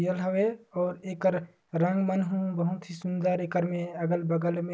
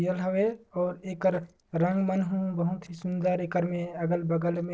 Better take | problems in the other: first | noise reduction (neural separator model SepFormer DNS4)

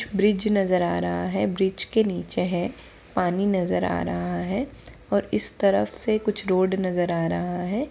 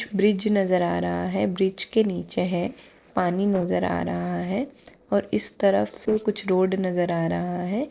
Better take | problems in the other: first | noise reduction (neural separator model SepFormer DNS4)

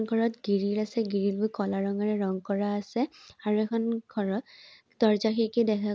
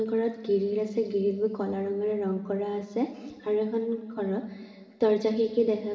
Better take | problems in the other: first | room echo; dies away in 1.9 s

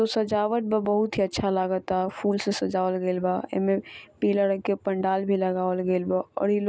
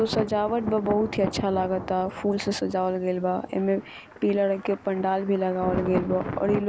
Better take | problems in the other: first | background sound (Thunder); 10 dB below the speech

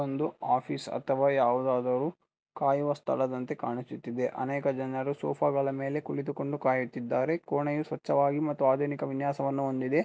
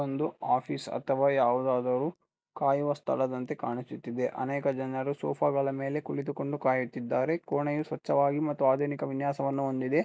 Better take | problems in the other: first | noise reduction (neural mask model Resemble Enhance denoiser)

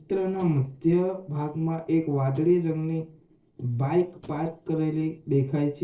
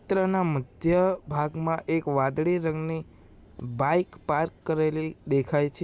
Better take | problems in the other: second | noise reduction (neural separator model SepFormer DNS4)

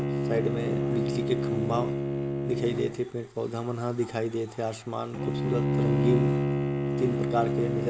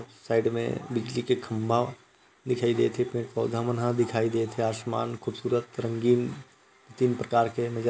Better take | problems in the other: second | background sound (Bowed string instrument); 2 dB above the speech

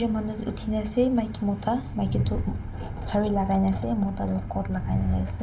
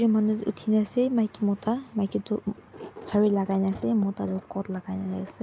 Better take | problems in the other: second | background sound (Train); 4 dB below the speech // room echo; dies away in 0.4 s

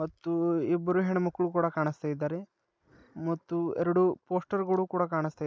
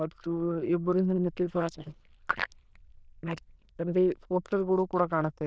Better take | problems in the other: first | noise reduction (neural diffusion model UNIVERSE++)

